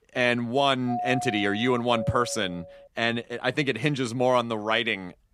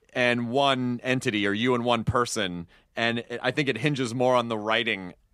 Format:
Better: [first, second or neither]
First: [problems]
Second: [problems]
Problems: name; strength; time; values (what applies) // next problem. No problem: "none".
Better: second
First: doorbell; noticeable; from 1 to 3 s; peak 5 dB below the speech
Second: none